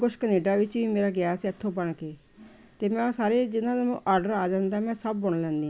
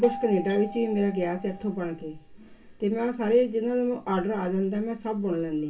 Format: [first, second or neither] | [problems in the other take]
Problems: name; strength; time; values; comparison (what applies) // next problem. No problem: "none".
first | background sound (Doorbell); 13 dB below the speech // room echo; dies away in 0.2 s